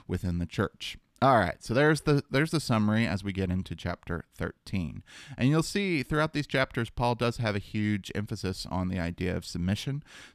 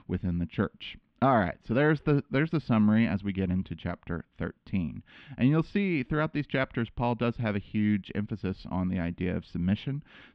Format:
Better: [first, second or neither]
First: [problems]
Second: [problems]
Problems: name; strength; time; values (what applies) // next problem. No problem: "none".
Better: first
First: none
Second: muffled; slightly; fading above 3 kHz